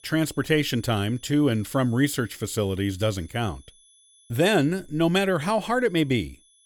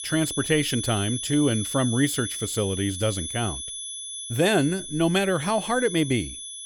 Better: first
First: high-pitched whine; faint; throughout; 10 kHz, 30 dB below the speech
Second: high-pitched whine; loud; throughout; 10 kHz, 6 dB below the speech

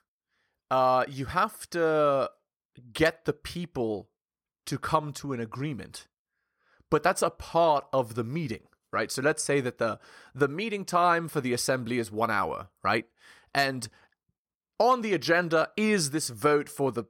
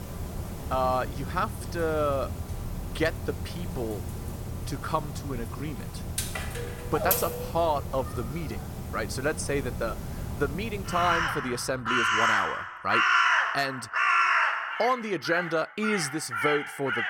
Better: first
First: none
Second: animal sounds; very loud; throughout; 1 dB above the speech

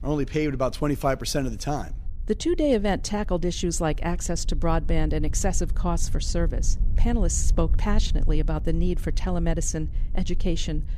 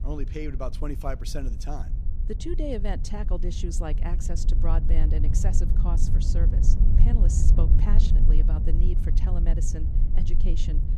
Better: first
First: low rumble; faint; throughout; 20 dB below the speech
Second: low rumble; loud; throughout; 5 dB below the speech

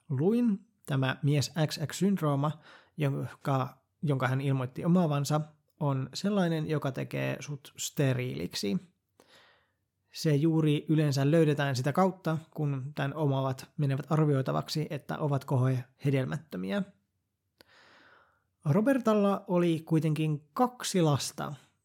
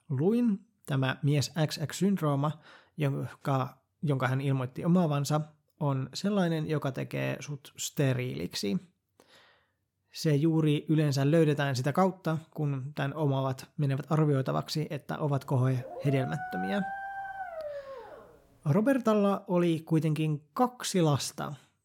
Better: first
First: none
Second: dog barking; noticeable; from 16 to 18 s; peak 7 dB below the speech

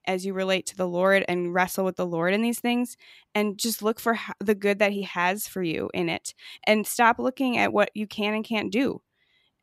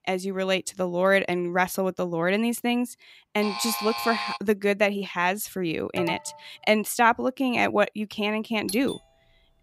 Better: first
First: none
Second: alarm; noticeable; at 3.5 s and at 6 s; peak 4 dB below the speech // doorbell; faint; at 8.5 s; peak 10 dB below the speech

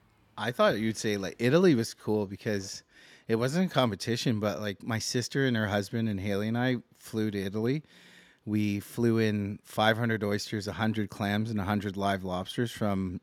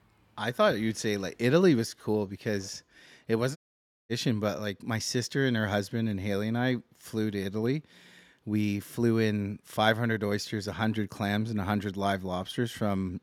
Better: first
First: none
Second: audio cutting out; at 3.5 s for 0.5 s

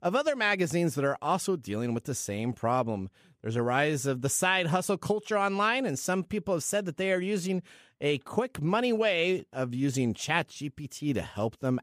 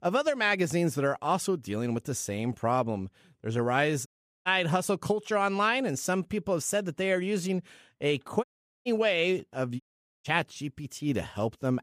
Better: first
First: none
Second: audio cutting out; at 4 s, at 8.5 s and at 10 s

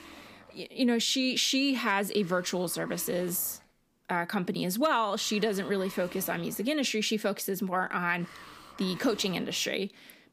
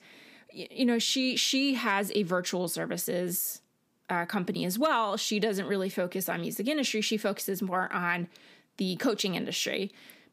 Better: second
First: hiss; faint; throughout; 20 dB below the speech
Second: none

